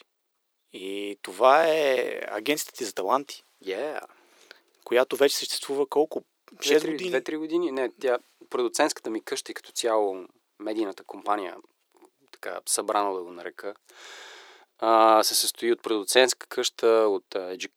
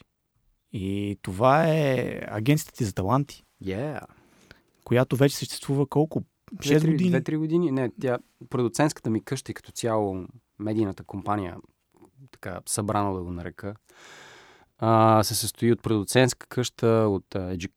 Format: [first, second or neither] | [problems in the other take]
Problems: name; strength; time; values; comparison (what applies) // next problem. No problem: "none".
second | thin; very; fading below 400 Hz